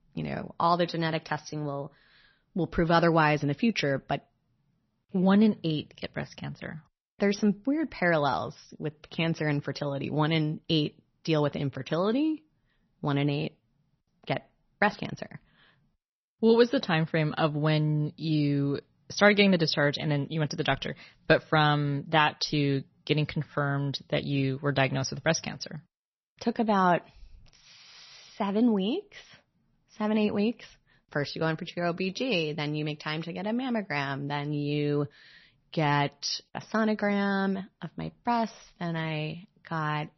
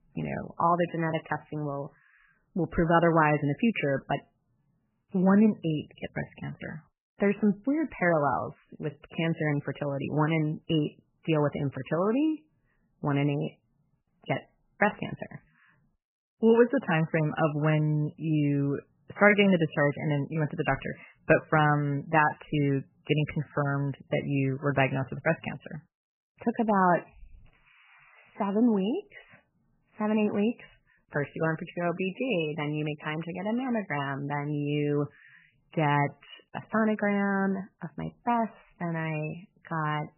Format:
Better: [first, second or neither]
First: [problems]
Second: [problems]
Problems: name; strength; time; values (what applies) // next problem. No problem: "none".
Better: first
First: garbled, watery; slightly; nothing above 6 kHz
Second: garbled, watery; badly; nothing above 3 kHz